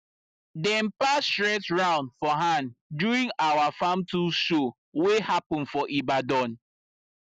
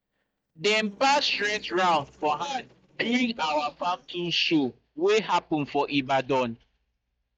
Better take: first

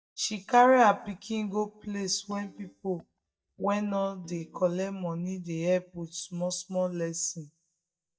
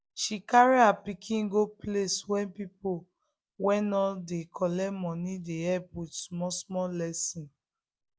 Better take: second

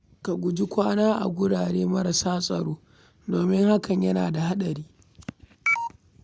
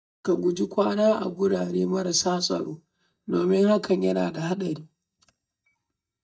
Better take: first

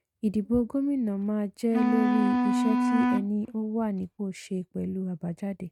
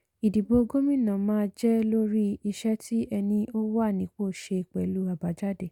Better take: second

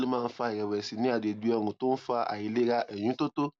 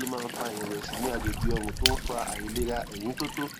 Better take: first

